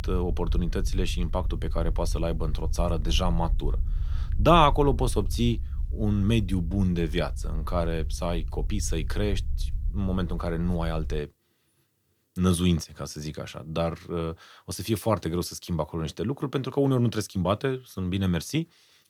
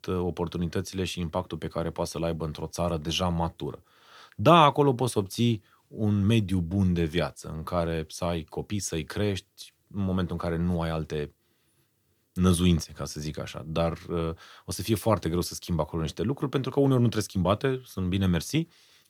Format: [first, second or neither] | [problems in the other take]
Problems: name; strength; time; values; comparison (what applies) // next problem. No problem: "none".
second | low rumble; faint; until 11 s; 20 dB below the speech